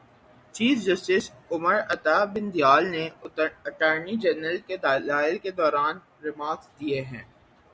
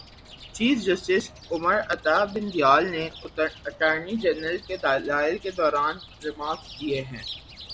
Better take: first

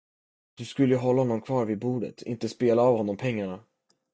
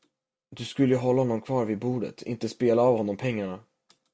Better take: second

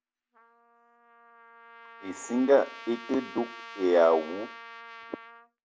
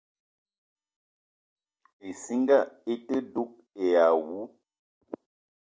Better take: second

